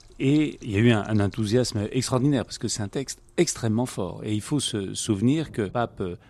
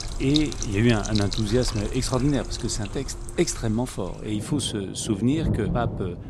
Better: first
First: rain or running water; faint; throughout; 25 dB below the speech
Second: rain or running water; loud; throughout; 6 dB below the speech

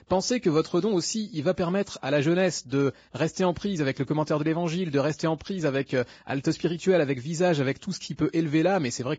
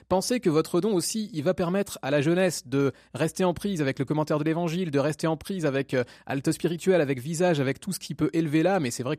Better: second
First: garbled, watery; badly; nothing above 7.5 kHz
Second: none

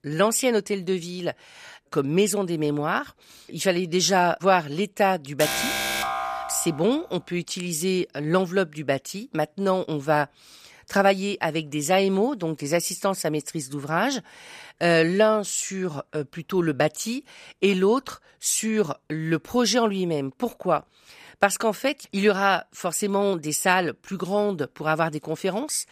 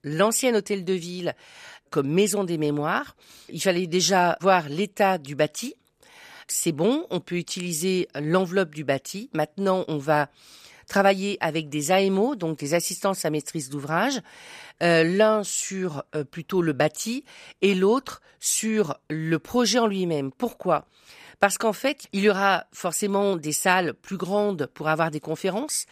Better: second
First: alarm; loud; from 5.5 to 7 s; peak level with the speech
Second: none

